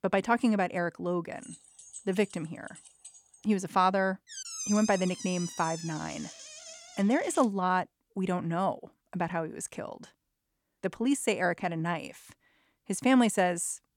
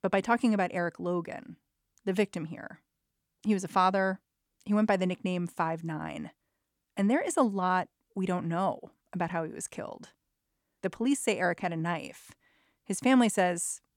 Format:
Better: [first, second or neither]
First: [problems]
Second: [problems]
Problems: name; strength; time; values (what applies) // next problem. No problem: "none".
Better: second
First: jangling keys; faint; from 1.5 to 3.5 s; peak 15 dB below the speech // door banging; noticeable; from 4.5 to 7.5 s; peak 5 dB below the speech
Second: none